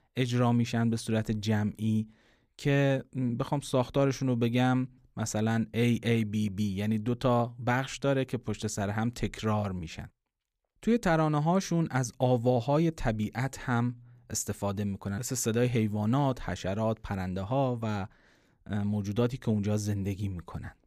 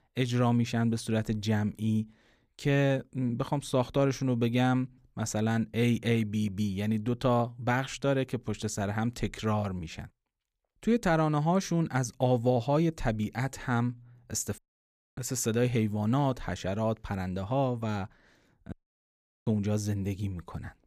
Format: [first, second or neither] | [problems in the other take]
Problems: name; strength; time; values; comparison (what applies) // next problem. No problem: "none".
first | audio cutting out; at 15 s for 0.5 s and at 19 s for 1 s